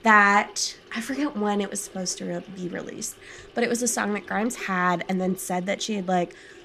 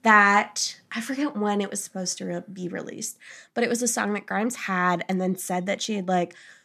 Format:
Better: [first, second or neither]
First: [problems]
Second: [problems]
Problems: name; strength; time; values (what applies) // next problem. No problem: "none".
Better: second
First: household noises; faint; throughout; 20 dB below the speech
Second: none